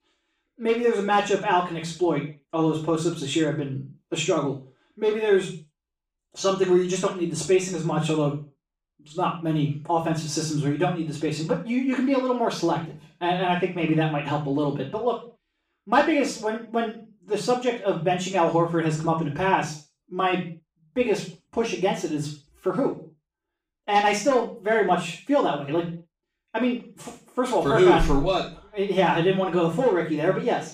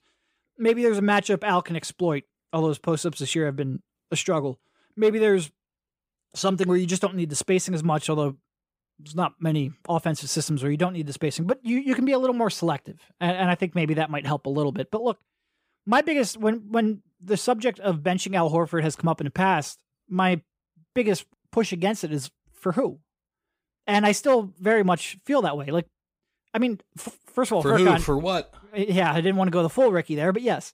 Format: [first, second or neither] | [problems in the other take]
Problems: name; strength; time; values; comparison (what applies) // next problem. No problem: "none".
second | room echo; noticeable; dies away in 0.3 s // off-mic speech; far